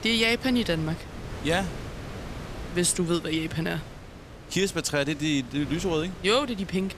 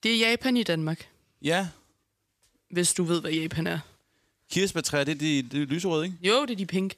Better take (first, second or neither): second